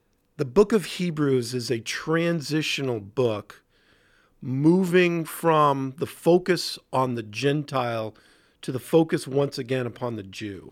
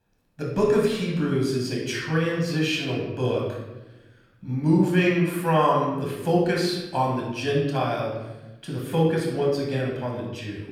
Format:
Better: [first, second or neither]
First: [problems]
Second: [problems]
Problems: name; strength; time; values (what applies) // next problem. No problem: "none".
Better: first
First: none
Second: off-mic speech; far // room echo; noticeable; dies away in 1 s